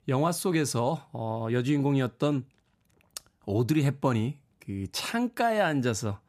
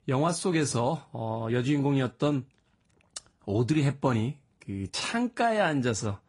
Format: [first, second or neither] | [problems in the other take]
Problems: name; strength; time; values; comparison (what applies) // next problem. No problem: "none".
first | garbled, watery; slightly; nothing above 10.5 kHz